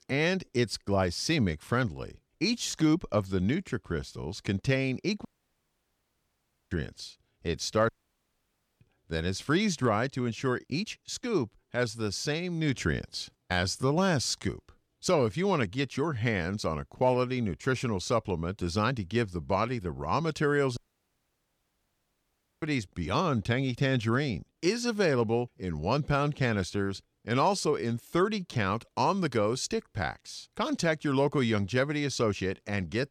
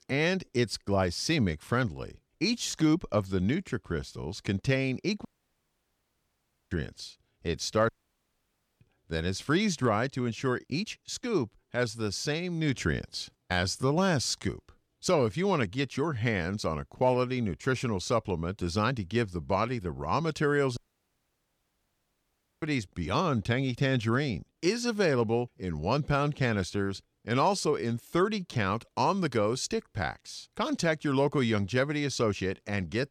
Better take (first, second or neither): neither